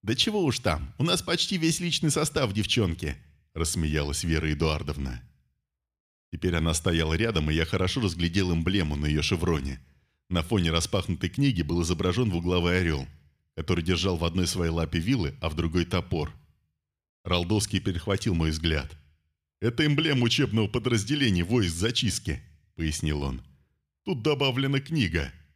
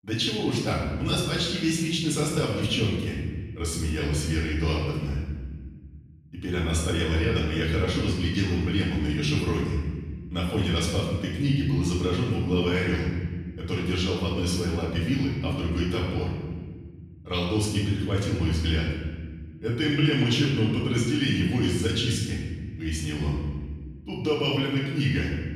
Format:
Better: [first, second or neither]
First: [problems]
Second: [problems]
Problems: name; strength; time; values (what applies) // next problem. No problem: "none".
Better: first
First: none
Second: room echo; noticeable; dies away in 1.5 s // off-mic speech; far